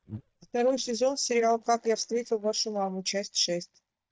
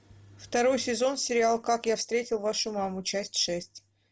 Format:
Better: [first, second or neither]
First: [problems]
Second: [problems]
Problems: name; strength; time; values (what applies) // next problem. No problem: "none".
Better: second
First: noise reduction (neural mask model DeepFilterNet 3)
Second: none